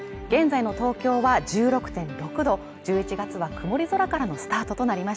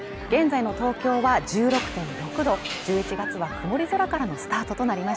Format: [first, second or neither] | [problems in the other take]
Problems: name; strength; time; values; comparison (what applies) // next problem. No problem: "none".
first | background sound (Human group actions + Mechanisms); 11 dB below the speech